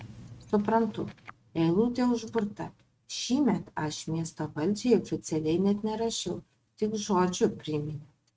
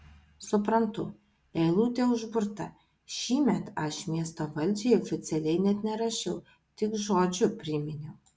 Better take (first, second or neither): second